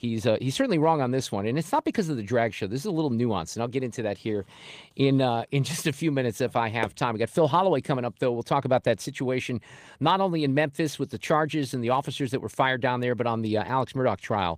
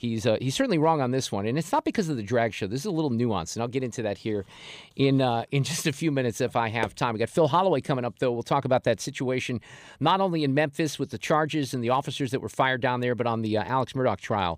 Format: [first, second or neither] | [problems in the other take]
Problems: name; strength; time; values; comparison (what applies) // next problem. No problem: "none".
second | garbled, watery; slightly; nothing above 15 kHz